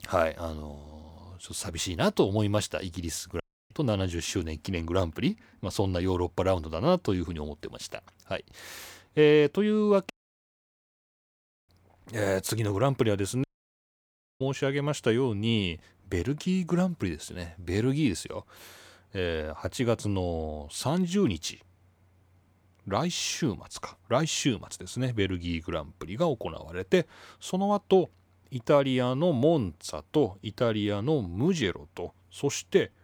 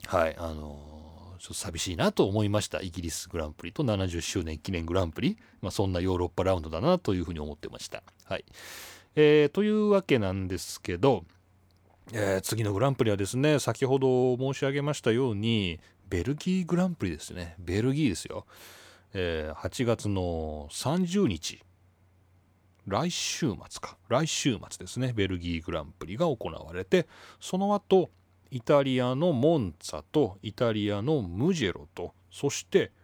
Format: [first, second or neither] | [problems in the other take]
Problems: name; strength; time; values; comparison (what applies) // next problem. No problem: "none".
second | audio cutting out; at 3.5 s, at 10 s for 1.5 s and at 13 s for 1 s